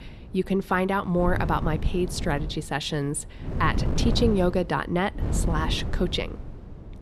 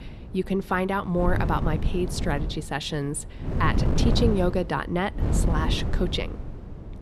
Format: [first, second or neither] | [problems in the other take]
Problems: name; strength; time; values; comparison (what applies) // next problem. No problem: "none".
first | wind noise on the microphone; heavy; 8 dB below the speech; occasional gusts in the first